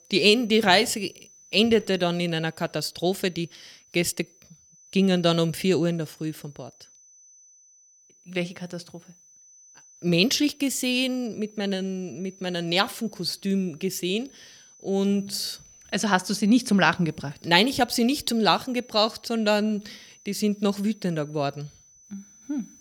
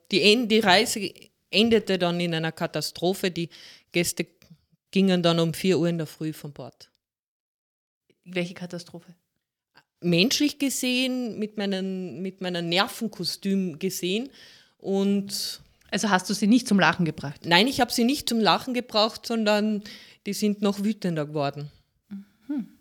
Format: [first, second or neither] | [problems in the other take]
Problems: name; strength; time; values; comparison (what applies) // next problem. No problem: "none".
second | high-pitched whine; faint; throughout; 6 kHz, 30 dB below the speech